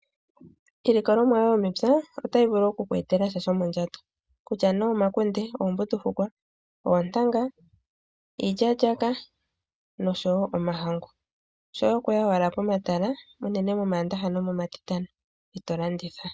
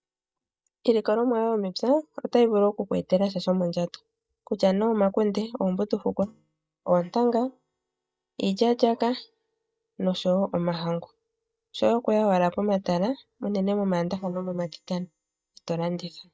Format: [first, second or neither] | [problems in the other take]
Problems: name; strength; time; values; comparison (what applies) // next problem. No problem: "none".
first | noise reduction (neural mask model DeepFilterNet 3)